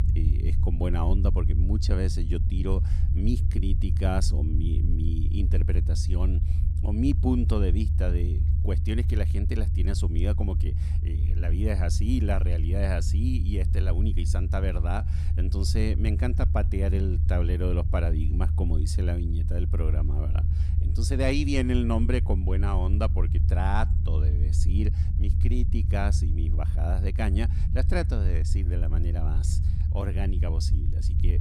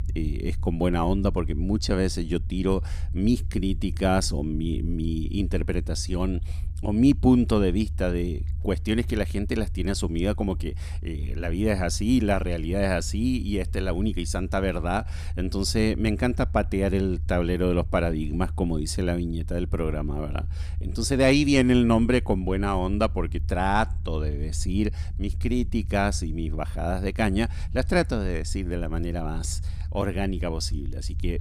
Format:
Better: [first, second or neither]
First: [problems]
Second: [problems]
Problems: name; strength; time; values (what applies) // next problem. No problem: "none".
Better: second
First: low rumble; loud; throughout; 8 dB below the speech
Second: low rumble; faint; throughout; 20 dB below the speech